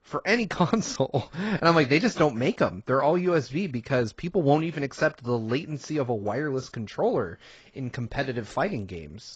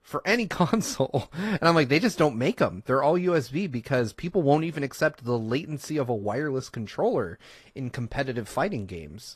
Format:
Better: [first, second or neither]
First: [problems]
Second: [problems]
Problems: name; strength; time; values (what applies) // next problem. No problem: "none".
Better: second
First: garbled, watery; badly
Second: garbled, watery; slightly; nothing above 14 kHz